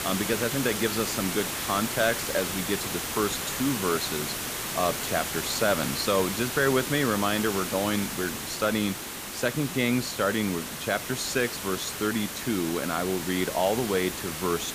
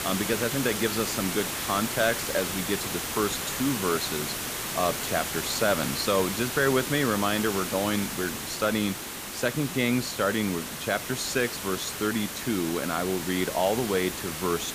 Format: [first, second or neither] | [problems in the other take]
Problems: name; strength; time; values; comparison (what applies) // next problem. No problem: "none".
neither | hiss; loud; throughout; 3 dB below the speech; the same in both